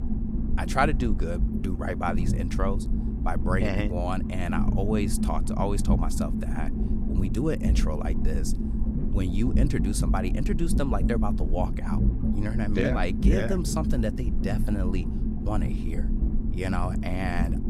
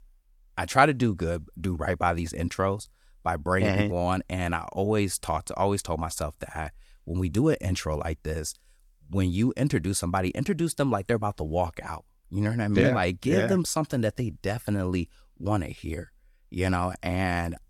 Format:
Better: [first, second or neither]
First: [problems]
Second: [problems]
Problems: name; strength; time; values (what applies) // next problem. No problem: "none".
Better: second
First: low rumble; loud; throughout; 6 dB below the speech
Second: none